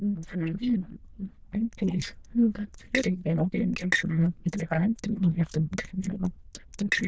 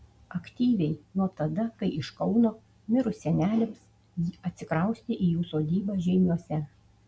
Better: second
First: noise reduction (neural diffusion model UNIVERSE++)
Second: none

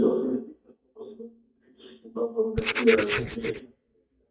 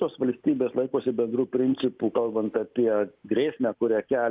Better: second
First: noise reduction (neural mask model DeepFilterNet 3)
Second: none

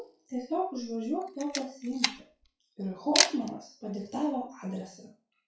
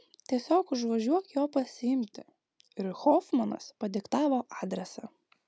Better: second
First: noise reduction (classical method WPE with log-MMSE)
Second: none

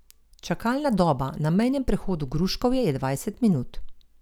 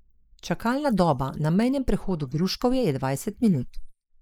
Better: first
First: none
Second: noise reduction (neural mask model Resemble Enhance denoiser)

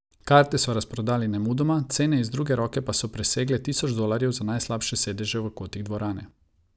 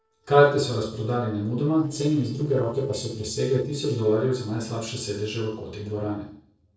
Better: first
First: none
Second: noise reduction (neural separator model SepFormer DNS4)

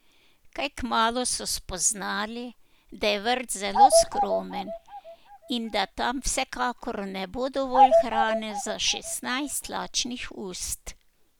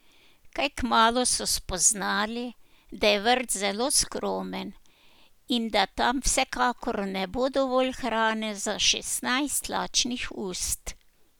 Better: second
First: background sound (Bird vocalization, bird call, bird song); 4 dB above the speech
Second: none

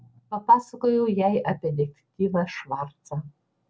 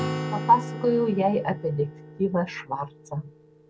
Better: first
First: none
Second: background sound (Acoustic guitar); 9 dB below the speech

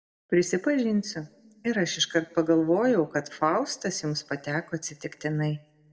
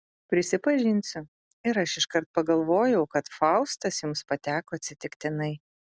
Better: second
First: room echo; dies away in 0.6 s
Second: none

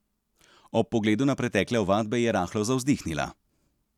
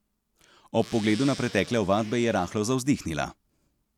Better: first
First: none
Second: background sound (Zipper (clothing)); 17 dB below the speech

